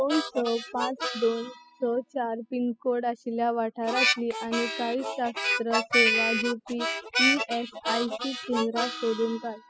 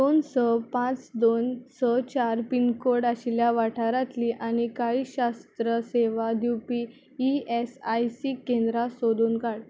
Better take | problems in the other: second | noise reduction (classical method spectral subtraction)

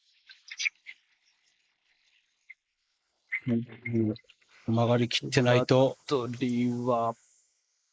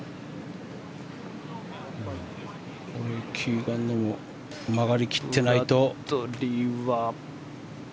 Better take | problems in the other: second | noise reduction (neural mask model Resemble Enhance denoiser)

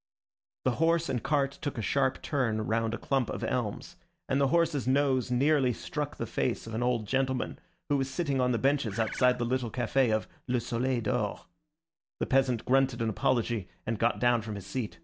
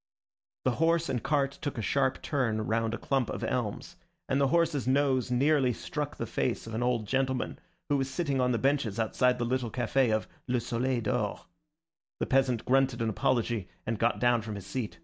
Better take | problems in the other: second | background sound (Bird); 11 dB below the speech

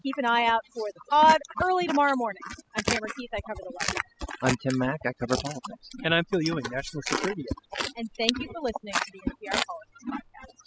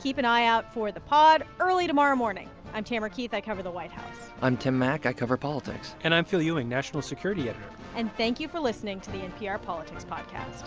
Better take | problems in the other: second | noise reduction (classical method spectral subtraction)

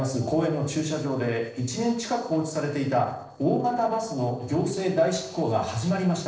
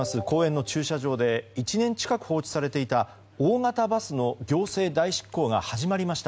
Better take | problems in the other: second | noise reduction (neural separator model SepFormer DNS4)

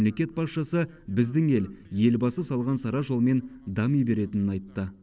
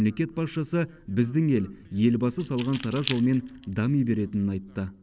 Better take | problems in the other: first | background sound (Keys jangling); 16 dB below the speech

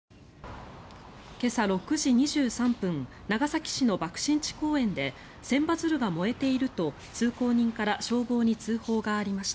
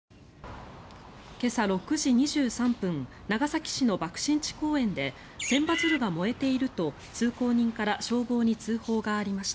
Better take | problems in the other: first | background sound (Bird); 3 dB below the speech

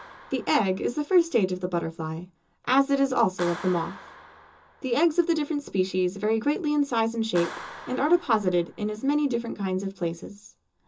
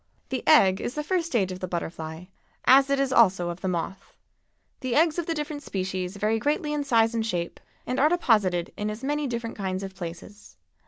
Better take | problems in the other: second | background sound (Clapping); 20 dB below the speech // room echo; dies away in 0.2 s

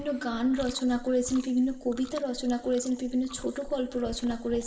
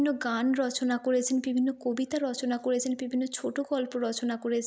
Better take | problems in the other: second | background sound (Chewing, mastication); 16 dB below the speech // room echo; dies away in 2.4 s

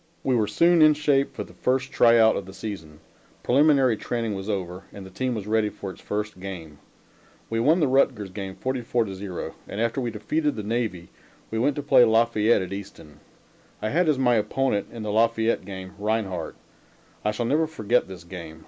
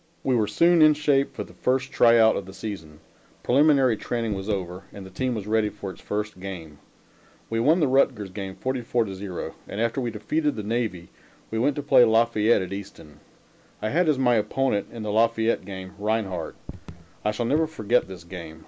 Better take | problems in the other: first | background sound (Raindrop / Drip); 17 dB below the speech

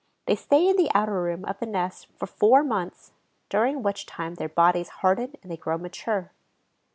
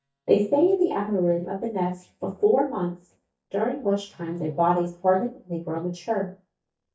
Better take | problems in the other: first | noise reduction (neural mask model DeepFilterNet 3)

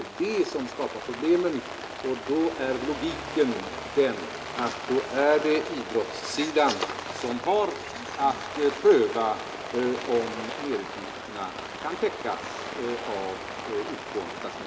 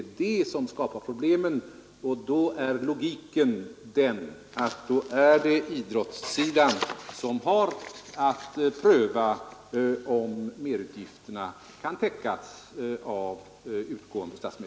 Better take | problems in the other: second | background sound (Rain); 9 dB below the speech // room echo; dies away in 0.3 s

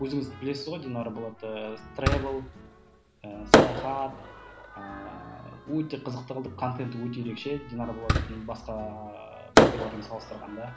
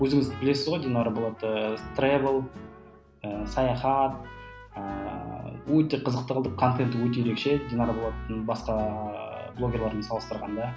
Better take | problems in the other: second | background sound (Fireworks); 5 dB above the speech

